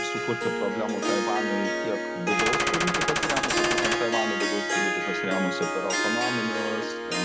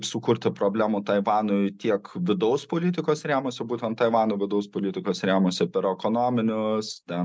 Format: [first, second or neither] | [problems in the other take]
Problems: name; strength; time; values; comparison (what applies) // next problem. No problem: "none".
second | background sound (Gunshot, gunfire + Harp); 4 dB above the speech